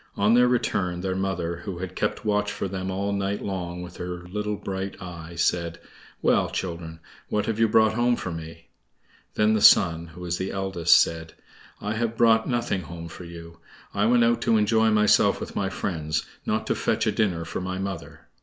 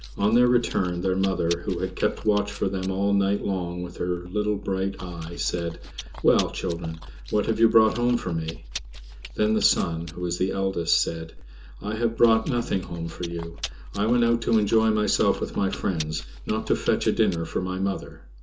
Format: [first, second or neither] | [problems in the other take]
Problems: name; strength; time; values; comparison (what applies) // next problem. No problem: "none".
first | background sound (Chewing, mastication); 13 dB below the speech // room echo; dies away in 0.2 s